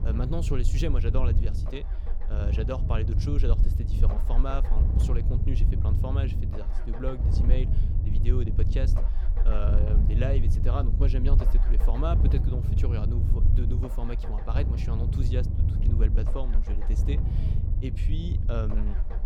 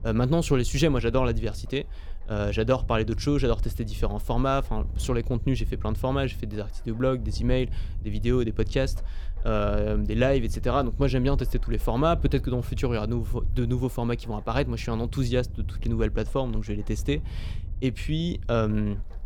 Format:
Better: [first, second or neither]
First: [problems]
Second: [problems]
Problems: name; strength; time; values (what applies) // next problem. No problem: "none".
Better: second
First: low rumble; loud; throughout; 4 dB below the speech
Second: low rumble; faint; throughout; 20 dB below the speech